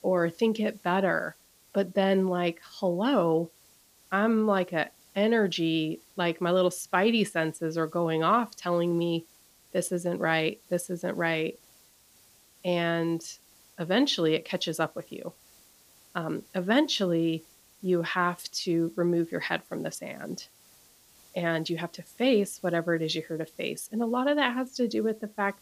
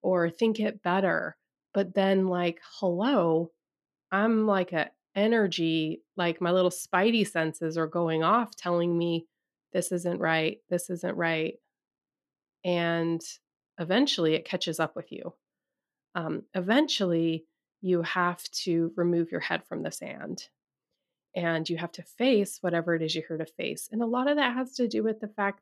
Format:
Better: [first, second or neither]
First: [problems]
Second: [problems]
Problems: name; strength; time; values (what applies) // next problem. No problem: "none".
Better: second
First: hiss; faint; throughout; 30 dB below the speech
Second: none